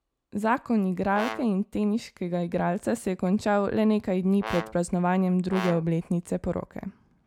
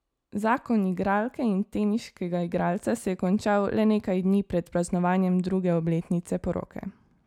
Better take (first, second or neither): second